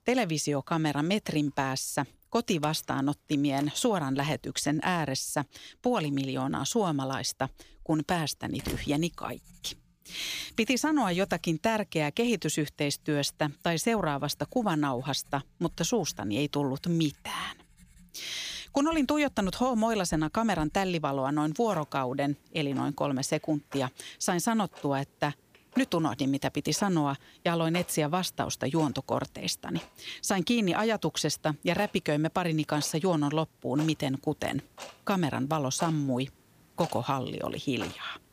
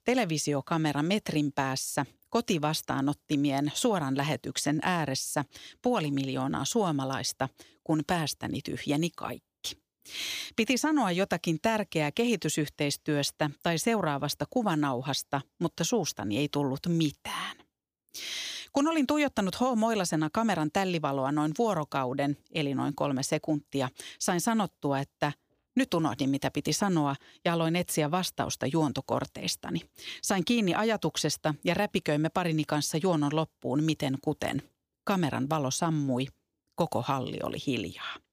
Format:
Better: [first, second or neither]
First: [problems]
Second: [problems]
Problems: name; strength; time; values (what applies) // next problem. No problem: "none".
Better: second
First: household noises; faint; throughout; 20 dB below the speech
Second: none